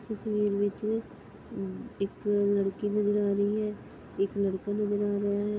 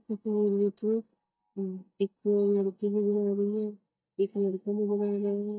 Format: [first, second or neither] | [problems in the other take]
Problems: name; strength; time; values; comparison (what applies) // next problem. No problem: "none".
first | noise reduction (neural mask model DeepFilterNet 3)